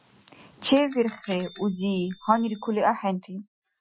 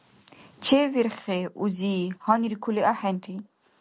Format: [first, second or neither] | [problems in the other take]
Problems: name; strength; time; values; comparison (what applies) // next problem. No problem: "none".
second | noise reduction (classical method Wiener filter)